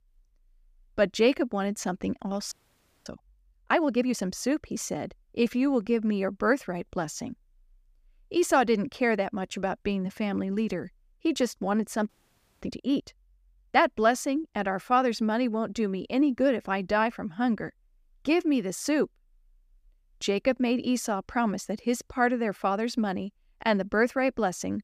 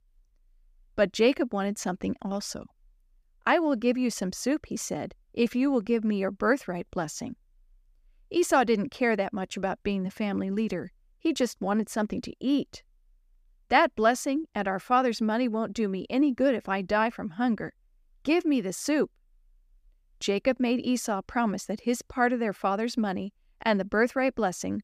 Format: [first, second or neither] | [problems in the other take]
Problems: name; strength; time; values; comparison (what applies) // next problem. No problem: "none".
second | audio freezing; at 2.5 s for 0.5 s and at 12 s for 0.5 s